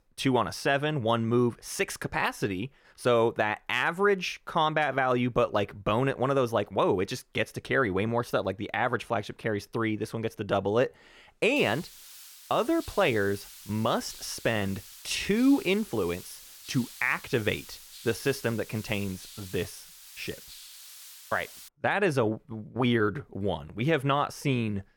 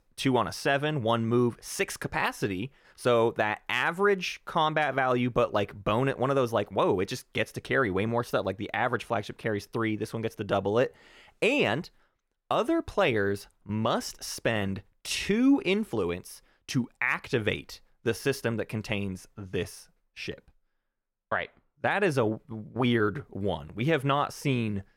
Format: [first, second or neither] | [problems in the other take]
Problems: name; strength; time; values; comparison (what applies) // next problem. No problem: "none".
second | hiss; noticeable; from 12 to 22 s; 15 dB below the speech